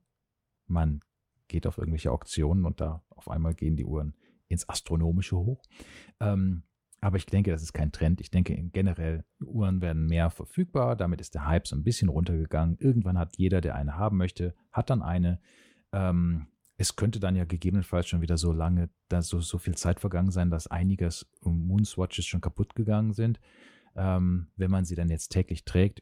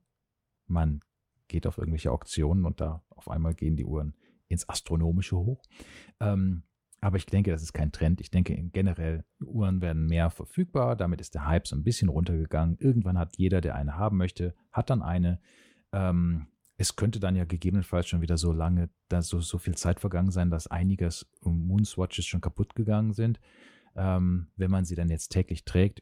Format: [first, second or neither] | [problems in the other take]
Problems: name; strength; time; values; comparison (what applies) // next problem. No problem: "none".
neither | none